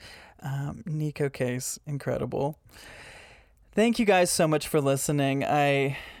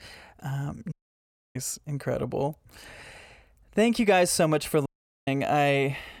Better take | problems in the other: first | audio cutting out; at 1 s for 0.5 s and at 5 s

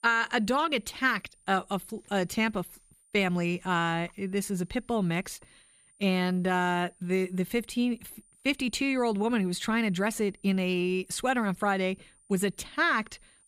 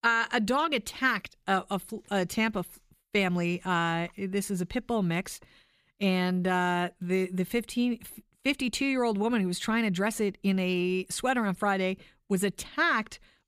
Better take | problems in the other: second | high-pitched whine; faint; throughout; 9 kHz, 30 dB below the speech

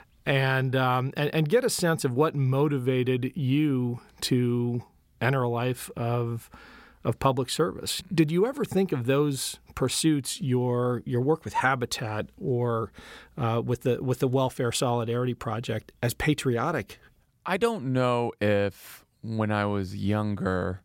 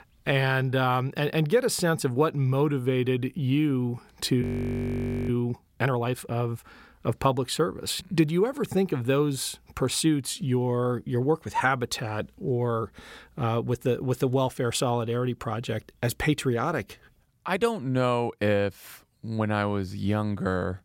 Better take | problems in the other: first | audio freezing; at 4.5 s for 1 s

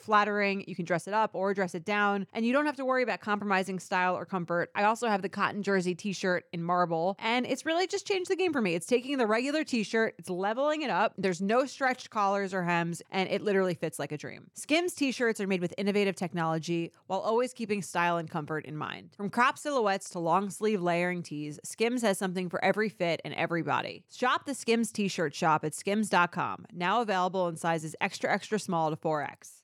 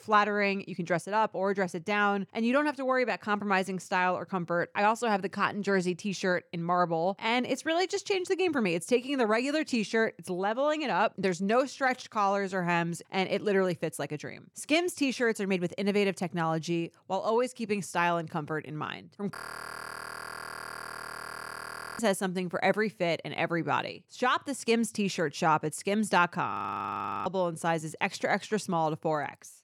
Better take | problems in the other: first | audio freezing; at 19 s for 2.5 s and at 27 s for 0.5 s

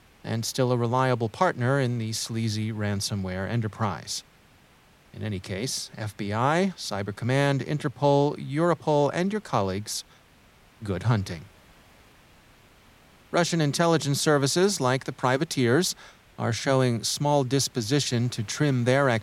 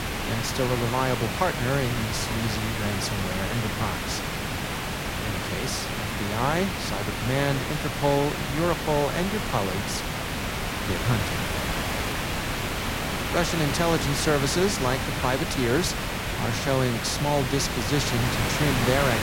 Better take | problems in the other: first | hiss; loud; throughout; 1 dB below the speech; faint in the first

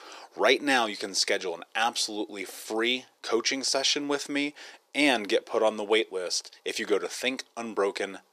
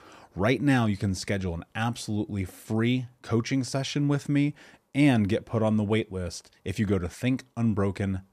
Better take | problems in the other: second | thin; somewhat; fading below 400 Hz

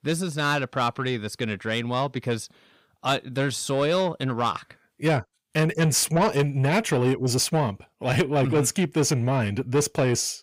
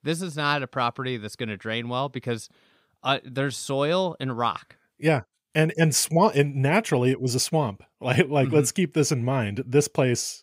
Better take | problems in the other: second | distortion; slight; 10 dB below the speech

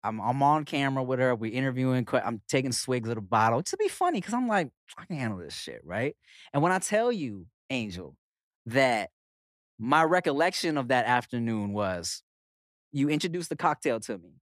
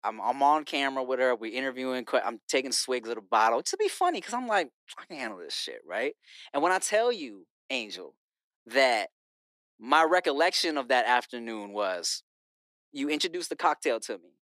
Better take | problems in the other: first | thin; somewhat; fading below 300 Hz

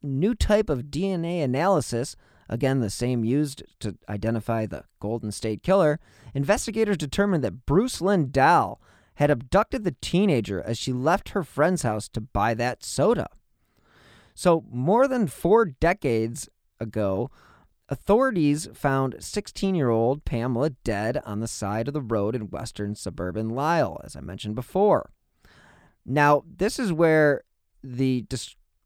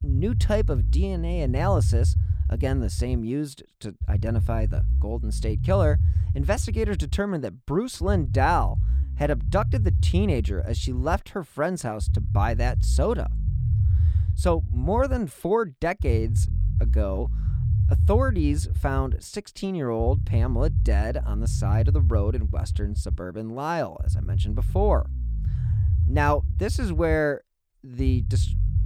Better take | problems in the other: first | low rumble; noticeable; throughout; 15 dB below the speech

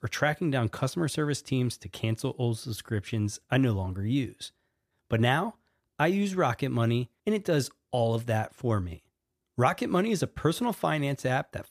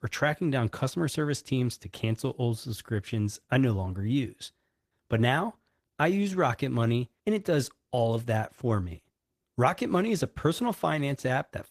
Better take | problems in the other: first | garbled, watery; slightly; nothing above 14.5 kHz

